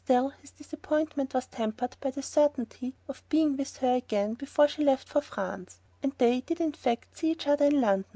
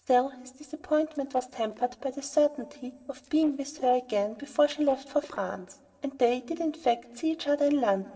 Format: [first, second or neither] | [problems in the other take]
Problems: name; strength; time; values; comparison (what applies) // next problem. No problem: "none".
first | noise reduction (neural separator model SepFormer DNS4)